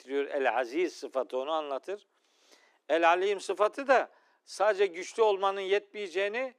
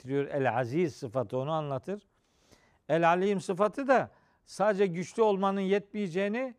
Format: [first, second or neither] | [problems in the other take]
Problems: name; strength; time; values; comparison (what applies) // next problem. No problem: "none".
second | thin; somewhat; fading below 300 Hz